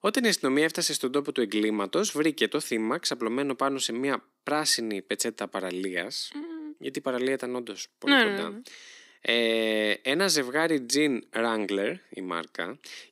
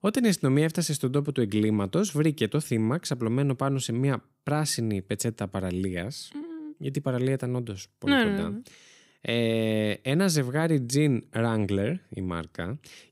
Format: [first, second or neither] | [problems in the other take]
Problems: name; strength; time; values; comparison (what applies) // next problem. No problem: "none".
second | thin; somewhat; fading below 250 Hz